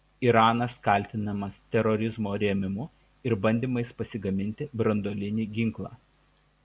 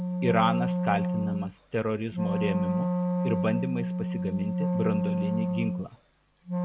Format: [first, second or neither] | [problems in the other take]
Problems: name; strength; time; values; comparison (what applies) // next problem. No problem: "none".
first | background sound (Wind instrument, woodwind instrument); 2 dB above the speech